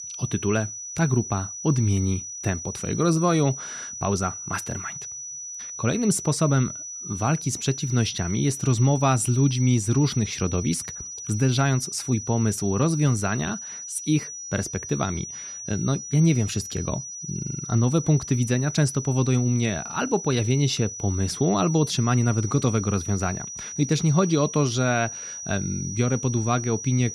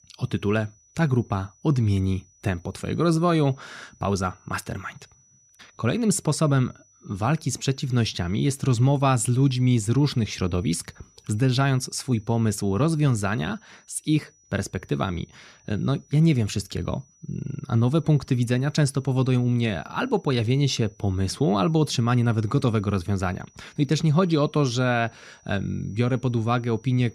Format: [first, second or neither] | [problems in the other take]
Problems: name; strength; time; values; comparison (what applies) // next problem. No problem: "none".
second | high-pitched whine; loud; throughout; 6 kHz, 9 dB below the speech; faint in the second